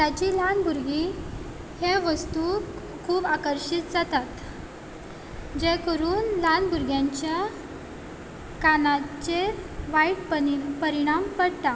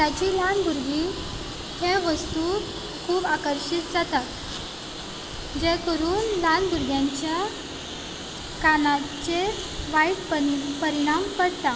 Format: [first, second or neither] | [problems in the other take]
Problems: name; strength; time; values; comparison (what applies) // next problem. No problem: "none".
first | background sound (Engine); 11 dB below the speech